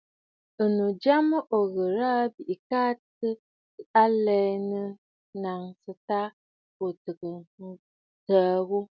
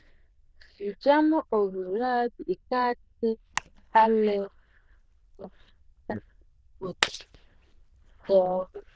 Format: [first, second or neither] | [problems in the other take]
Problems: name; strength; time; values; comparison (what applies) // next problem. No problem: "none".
first | noise reduction (neural diffusion model UNIVERSE++)